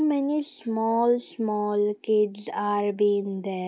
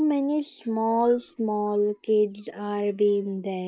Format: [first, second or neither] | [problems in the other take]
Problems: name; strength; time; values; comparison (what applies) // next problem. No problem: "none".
first | noise reduction (neural mask model DeepFilterNet 3)